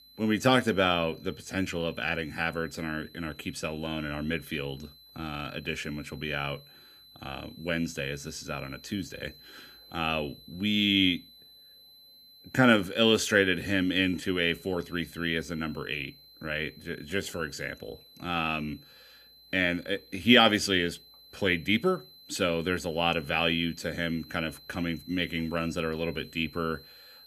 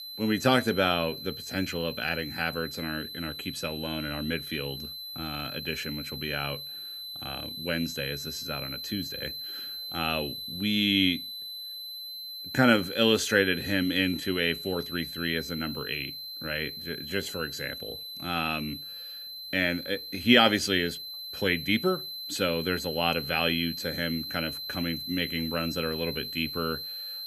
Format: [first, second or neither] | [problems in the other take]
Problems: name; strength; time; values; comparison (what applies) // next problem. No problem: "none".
first | high-pitched whine; loud; throughout; 4 kHz, 7 dB below the speech; faint in the first